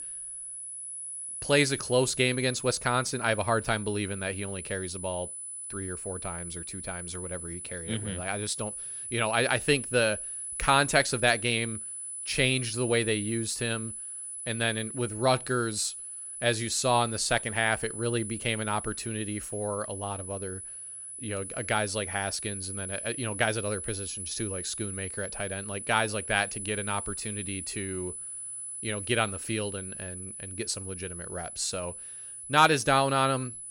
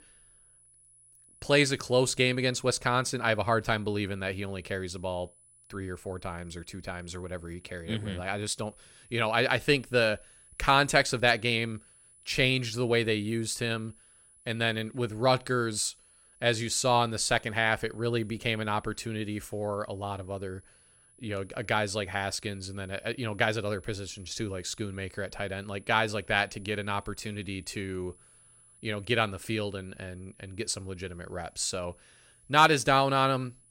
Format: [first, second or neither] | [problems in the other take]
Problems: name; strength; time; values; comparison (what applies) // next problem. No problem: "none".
second | high-pitched whine; loud; throughout; 10 kHz, 7 dB below the speech; faint in the second